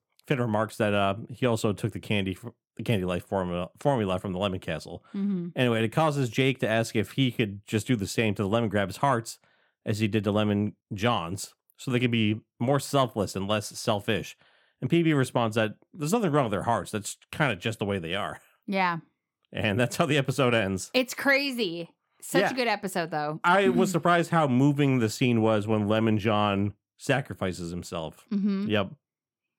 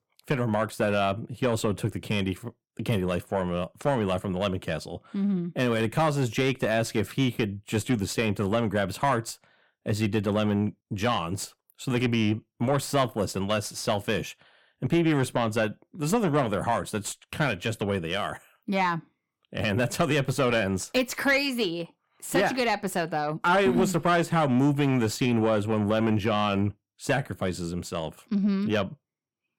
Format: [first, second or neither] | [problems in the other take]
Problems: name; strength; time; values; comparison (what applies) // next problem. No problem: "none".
first | distortion; slight; 10 dB below the speech